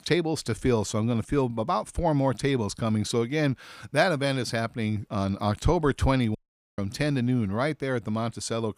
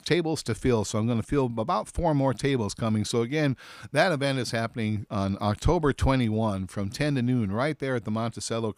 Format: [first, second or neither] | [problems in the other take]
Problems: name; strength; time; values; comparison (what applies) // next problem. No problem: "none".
second | audio cutting out; at 6.5 s